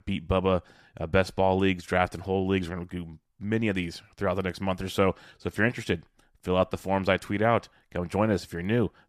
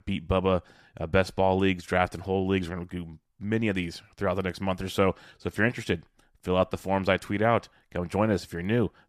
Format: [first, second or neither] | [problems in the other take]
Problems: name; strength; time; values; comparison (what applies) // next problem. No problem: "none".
neither | none